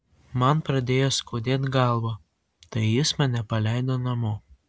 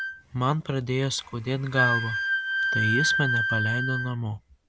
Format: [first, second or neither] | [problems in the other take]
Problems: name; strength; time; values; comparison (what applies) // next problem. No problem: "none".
first | background sound (Wind instrument, woodwind instrument); as loud as the speech